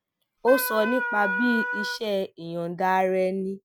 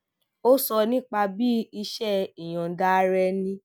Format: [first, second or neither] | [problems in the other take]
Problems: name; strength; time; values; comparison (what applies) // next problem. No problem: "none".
second | background sound (Wind instrument, woodwind instrument); 3 dB below the speech